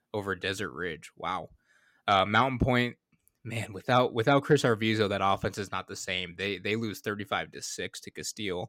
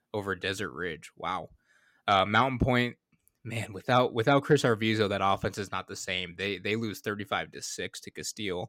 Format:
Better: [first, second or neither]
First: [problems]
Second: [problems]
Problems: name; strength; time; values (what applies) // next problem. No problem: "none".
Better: neither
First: none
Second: none